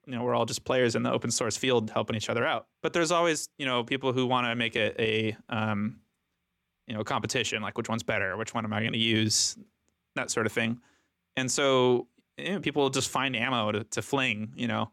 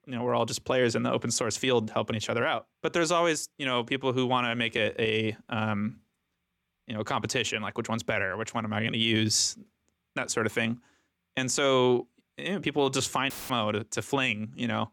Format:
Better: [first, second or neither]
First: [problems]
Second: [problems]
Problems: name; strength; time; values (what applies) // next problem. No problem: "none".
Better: first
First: none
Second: audio cutting out; filled with static; at 13 s